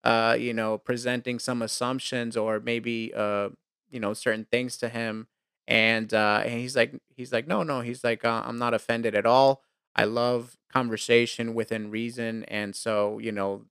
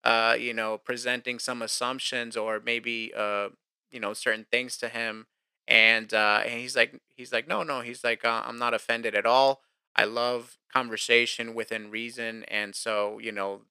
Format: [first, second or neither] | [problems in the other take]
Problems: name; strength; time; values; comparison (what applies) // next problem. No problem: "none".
first | thin; somewhat; fading below 650 Hz